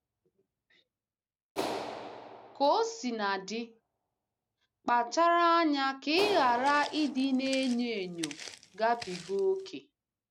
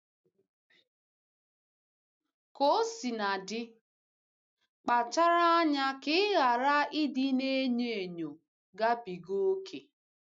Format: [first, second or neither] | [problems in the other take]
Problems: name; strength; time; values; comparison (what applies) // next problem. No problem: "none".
second | background sound (Clapping + Walk, footsteps); 13 dB below the speech